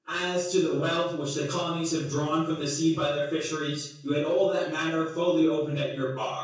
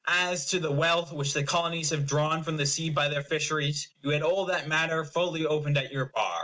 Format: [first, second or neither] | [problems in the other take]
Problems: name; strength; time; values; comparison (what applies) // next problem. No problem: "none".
second | room echo; dies away in 0.6 s